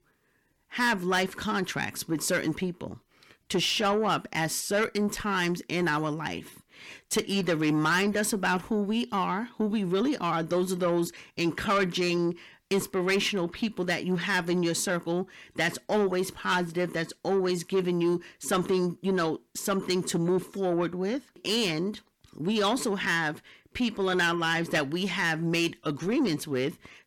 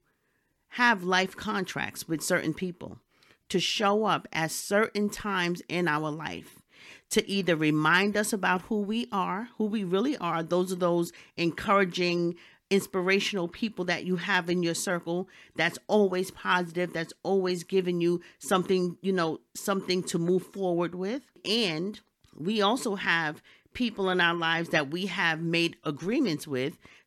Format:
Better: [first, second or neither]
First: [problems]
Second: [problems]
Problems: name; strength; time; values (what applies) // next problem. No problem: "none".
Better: second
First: distortion; slight; 10 dB below the speech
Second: none